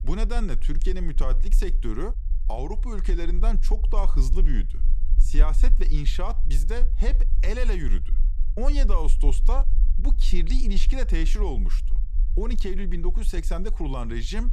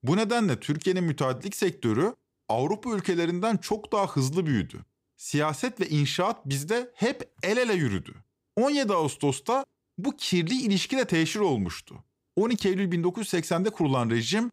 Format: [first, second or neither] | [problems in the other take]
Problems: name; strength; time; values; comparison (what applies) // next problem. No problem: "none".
second | low rumble; noticeable; throughout; 15 dB below the speech